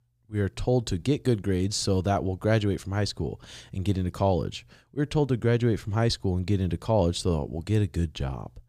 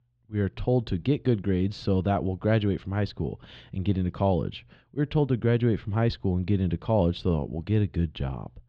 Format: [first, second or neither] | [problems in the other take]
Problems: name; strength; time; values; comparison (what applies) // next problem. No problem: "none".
first | muffled; slightly; fading above 3.5 kHz